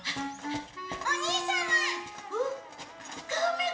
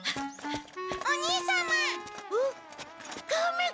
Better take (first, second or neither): second